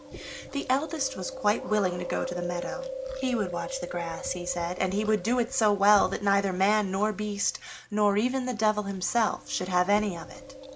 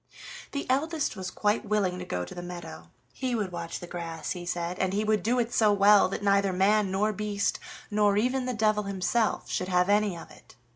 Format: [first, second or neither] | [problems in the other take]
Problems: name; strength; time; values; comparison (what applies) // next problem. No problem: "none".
second | background sound (Chewing, mastication); 12 dB below the speech